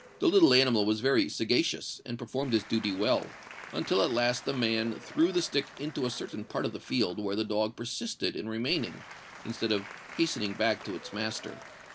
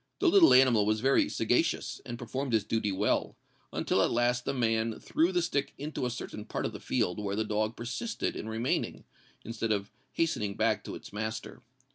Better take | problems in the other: second | background sound (Applause / Crowd); 19 dB below the speech

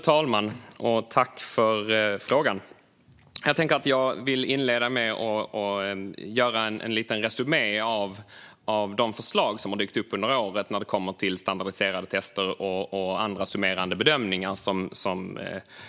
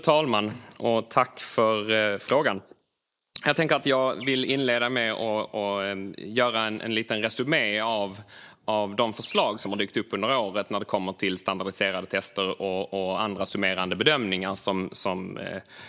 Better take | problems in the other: first | noise reduction (neural mask model Resemble Enhance denoiser)

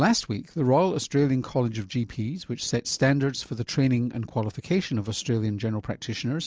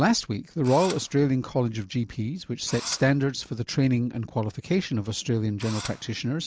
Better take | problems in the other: first | background sound (Engine / Drill); 14 dB below the speech

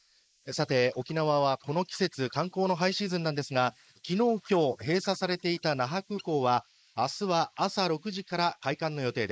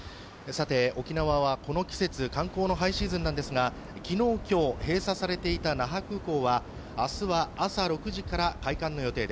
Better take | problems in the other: second | noise reduction (neural mask model Resemble Enhance denoiser)

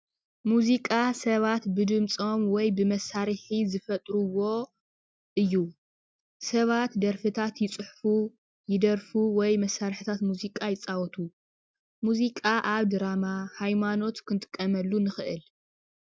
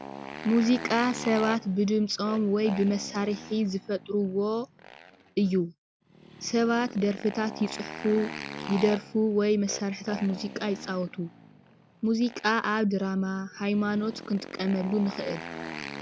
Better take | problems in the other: first | background sound (Motorcycle); 13 dB below the speech

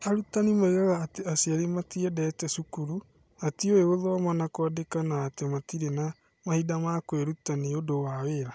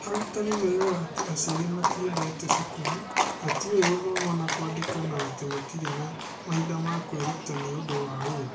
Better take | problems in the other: first | background sound (Livestock, farm animals, working animals); 2 dB below the speech // room echo; dies away in 0.4 s

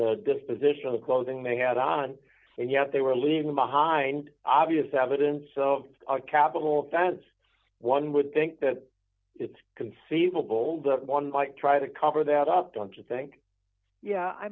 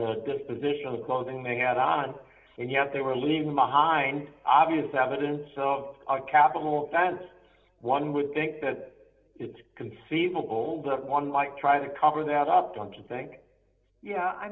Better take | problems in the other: first | room echo; dies away in 0.9 s

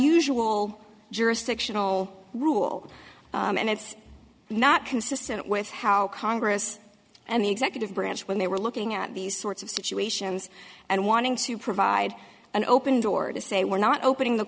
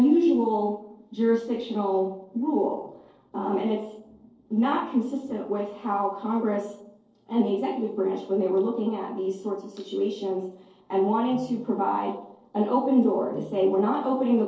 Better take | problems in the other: first | noise reduction (neural separator model SepFormer DNS4)

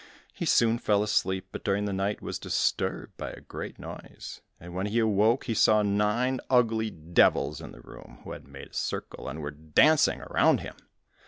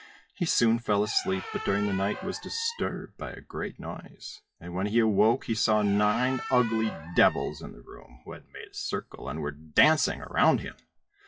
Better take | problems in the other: first | noise reduction (classical method WPE with log-MMSE)

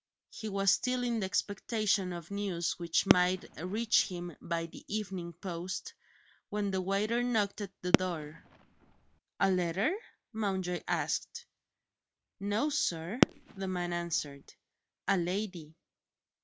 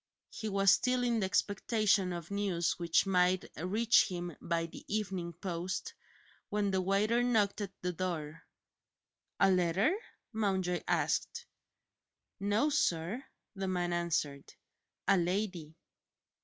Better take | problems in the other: second | background sound (Fireworks); as loud as the speech

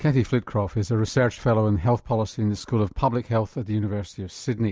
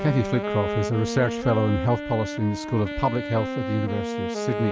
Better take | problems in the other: first | background sound (Wind instrument, woodwind instrument); 5 dB below the speech

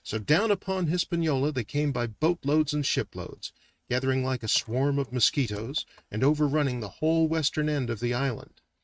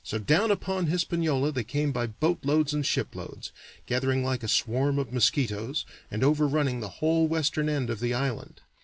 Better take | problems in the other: second | noise reduction (neural mask model RNNoise)

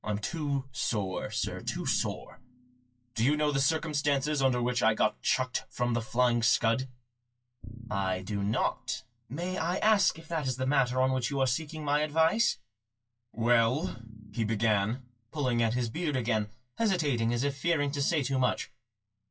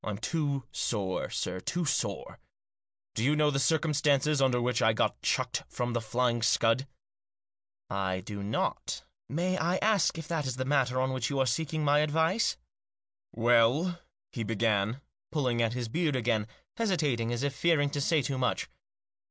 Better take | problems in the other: second | noise reduction (classical method WPE with log-MMSE)

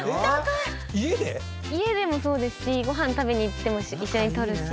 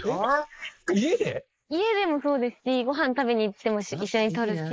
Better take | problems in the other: first | noise reduction (neural mask model Resemble Enhance denoiser)

